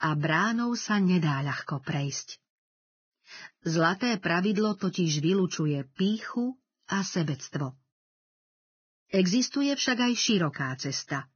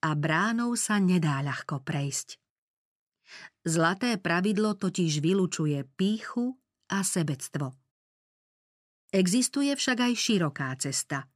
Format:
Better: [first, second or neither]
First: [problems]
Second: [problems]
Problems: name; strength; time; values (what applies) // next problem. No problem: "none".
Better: second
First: garbled, watery; badly; nothing above 6.5 kHz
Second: none